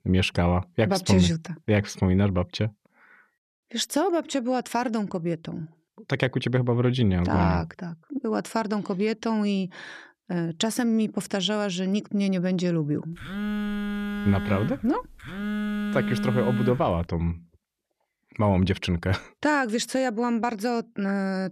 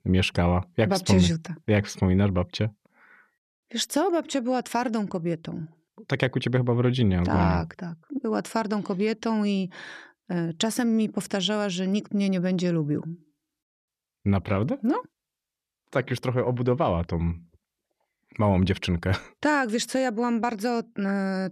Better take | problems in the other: second | phone ringing; noticeable; from 13 to 17 s; peak 2 dB below the speech

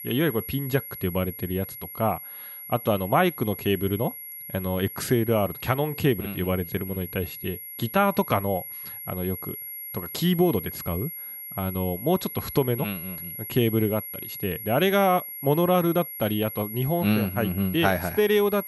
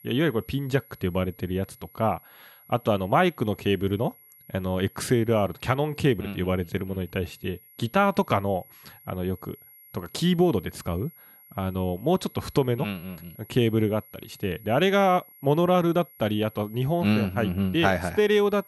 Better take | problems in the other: second | high-pitched whine; loud; throughout; 11.5 kHz, 9 dB below the speech; faint in the second

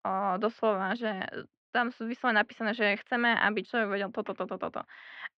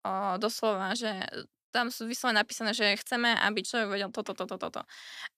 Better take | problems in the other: second | muffled; very; fading above 2.5 kHz

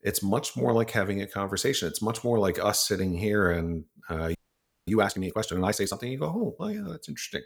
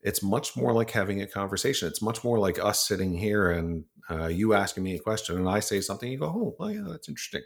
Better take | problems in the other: second | audio freezing; at 4.5 s for 0.5 s

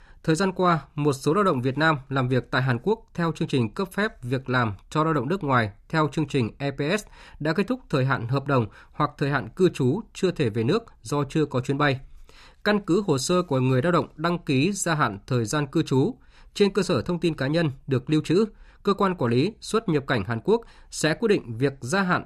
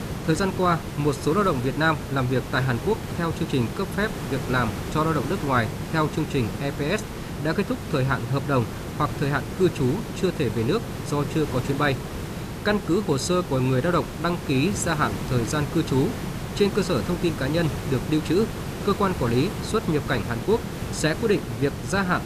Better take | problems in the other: first | hiss; loud; throughout; 7 dB below the speech

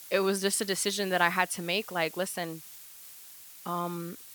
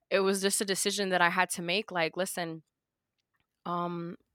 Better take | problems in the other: second | hiss; noticeable; throughout; 15 dB below the speech

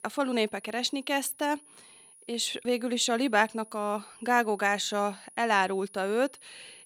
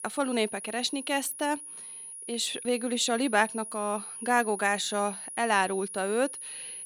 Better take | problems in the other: first | high-pitched whine; loud; throughout; 10.5 kHz, 10 dB below the speech; faint in the first

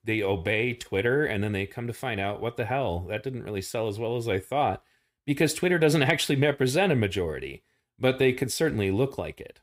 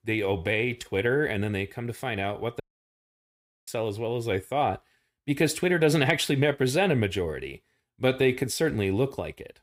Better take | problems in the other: first | audio cutting out; at 2.5 s for 1 s

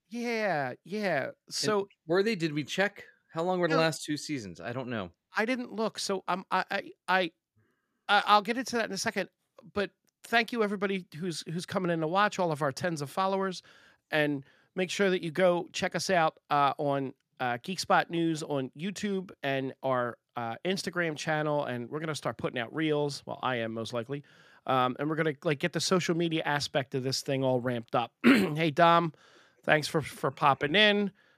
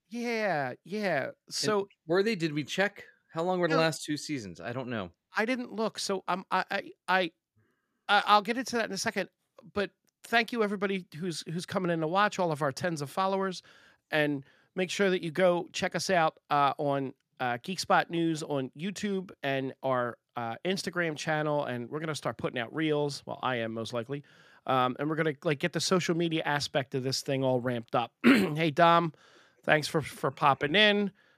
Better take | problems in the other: neither | none

